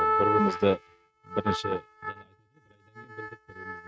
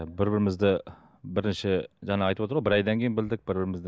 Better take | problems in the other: second | noise reduction (neural mask model RNNoise)

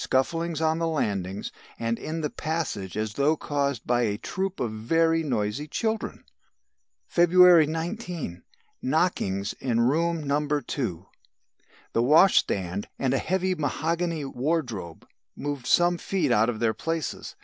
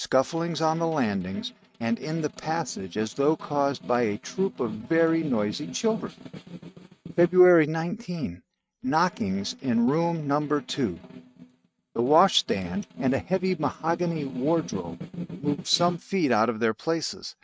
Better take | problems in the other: first | noise reduction (neural mask model RNNoise)

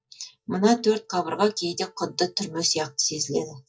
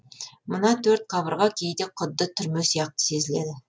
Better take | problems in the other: second | noise reduction (neural mask model DeepFilterNet 3)

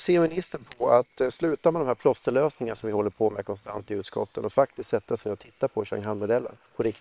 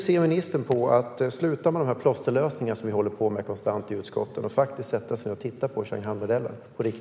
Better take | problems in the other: second | noise reduction (neural separator model SepFormer WHAM!)

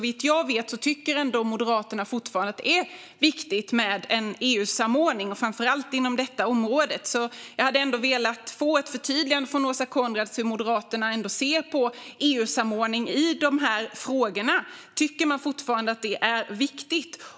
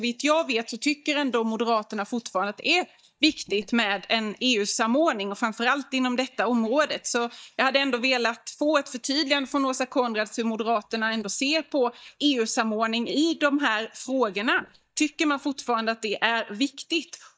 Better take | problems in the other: first | noise reduction (neural mask model DeepFilterNet 3)

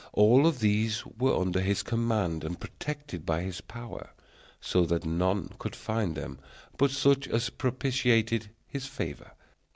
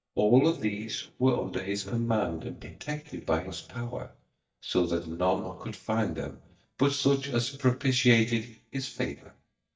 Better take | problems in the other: first | noise reduction (neural mask model DeepFilterNet 3)

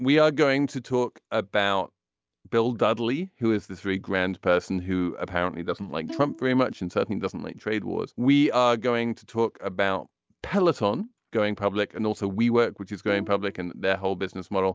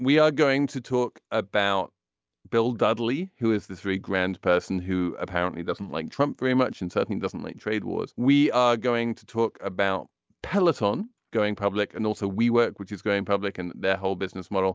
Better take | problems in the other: second | background sound (Bowed string instrument); 16 dB below the speech

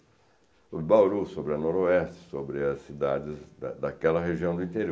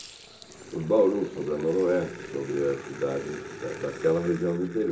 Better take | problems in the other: first | background sound (Growling); 13 dB below the speech // room echo; dies away in 0.2 s

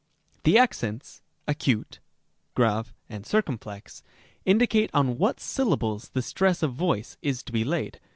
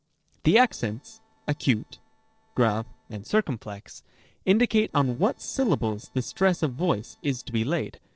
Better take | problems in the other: first | noise reduction (neural separator model SepFormer DNS4)

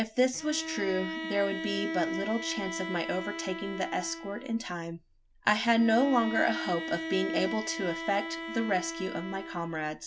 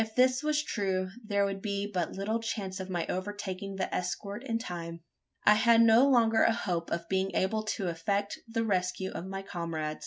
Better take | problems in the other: second | background sound (Bowed string instrument); 7 dB below the speech

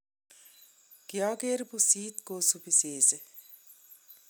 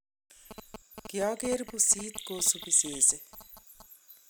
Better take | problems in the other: first | background sound (Telephone + Chirp, tweet); 16 dB below the speech

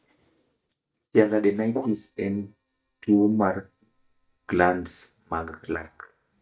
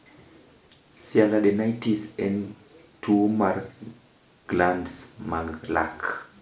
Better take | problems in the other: second | noise reduction (neural mask model DeepFilterNet 3)

